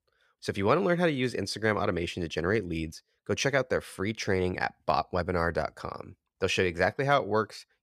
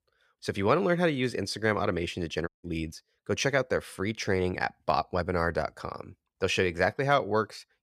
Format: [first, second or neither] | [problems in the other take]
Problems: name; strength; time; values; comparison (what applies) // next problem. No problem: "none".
first | audio cutting out; at 2.5 s